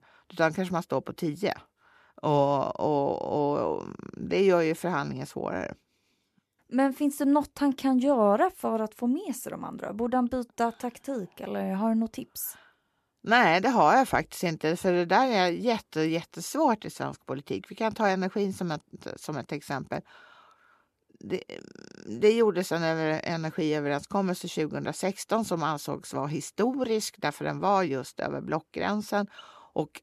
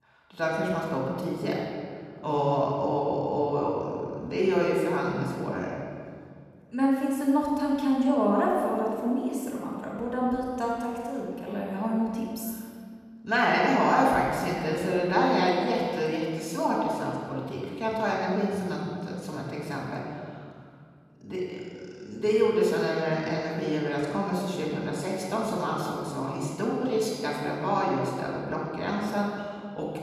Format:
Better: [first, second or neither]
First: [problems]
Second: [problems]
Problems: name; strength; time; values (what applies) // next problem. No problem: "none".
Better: first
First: none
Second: off-mic speech; far // room echo; noticeable; dies away in 2 s